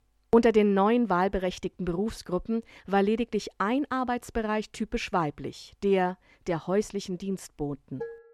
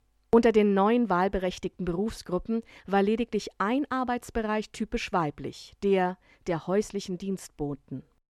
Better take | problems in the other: second | clattering dishes; faint; at 8 s; peak 15 dB below the speech

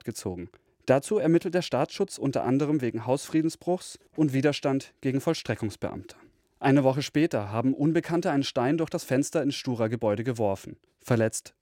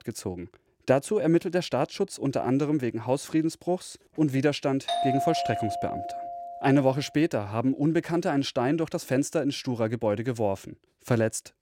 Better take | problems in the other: first | doorbell; noticeable; from 5 to 7 s; peak level with the speech

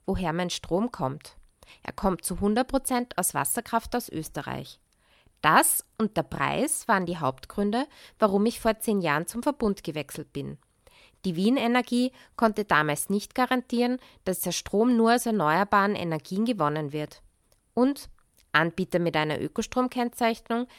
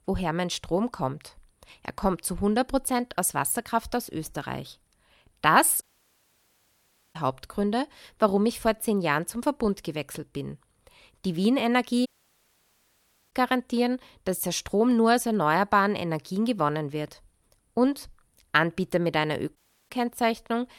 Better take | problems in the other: first | audio cutting out; at 6 s for 1.5 s, at 12 s for 1.5 s and at 20 s

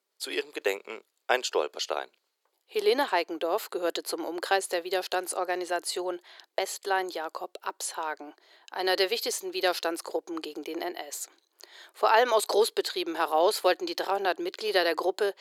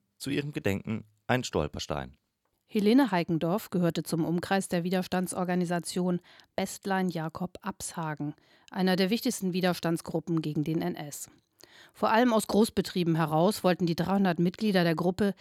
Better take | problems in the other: second | thin; very; fading below 400 Hz

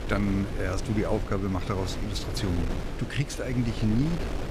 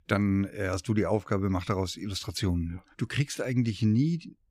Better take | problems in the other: second | wind noise on the microphone; heavy; 6 dB below the speech

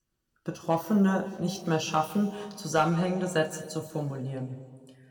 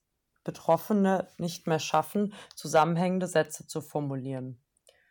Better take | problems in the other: second | room echo; slight; dies away in 1.5 s

